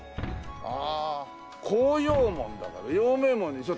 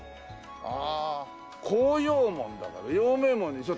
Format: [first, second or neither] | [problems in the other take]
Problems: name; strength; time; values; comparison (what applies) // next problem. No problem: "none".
second | background sound (Boom); 13 dB below the speech